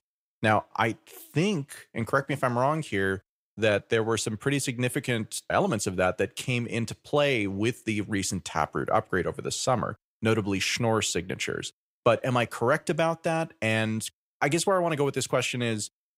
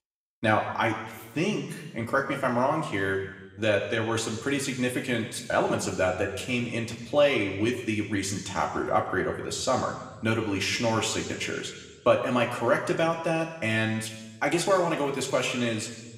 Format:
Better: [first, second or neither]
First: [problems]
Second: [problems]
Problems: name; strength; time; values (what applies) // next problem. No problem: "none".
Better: first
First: none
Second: room echo; slight; dies away in 1.2 s // off-mic speech; somewhat distant